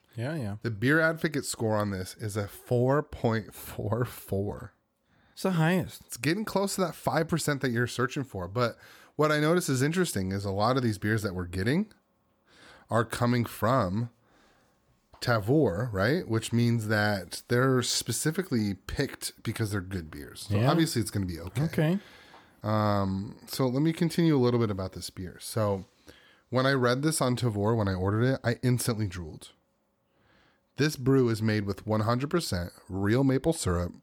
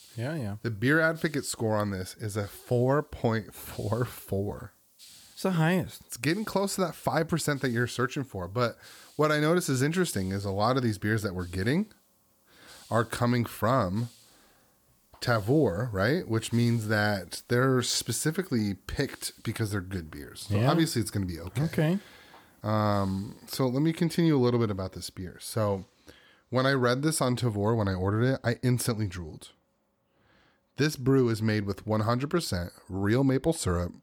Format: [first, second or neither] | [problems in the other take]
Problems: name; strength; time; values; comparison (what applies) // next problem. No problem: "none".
first | hiss; faint; until 24 s; 30 dB below the speech